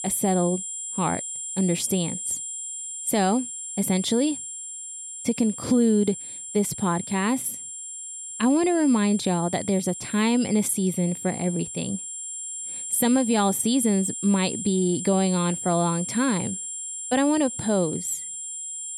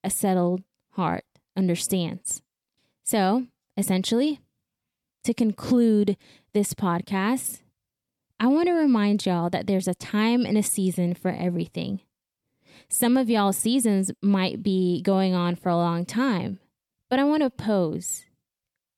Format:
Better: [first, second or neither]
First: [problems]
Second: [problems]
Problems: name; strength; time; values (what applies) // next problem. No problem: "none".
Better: second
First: high-pitched whine; loud; throughout; 7.5 kHz, 7 dB below the speech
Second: none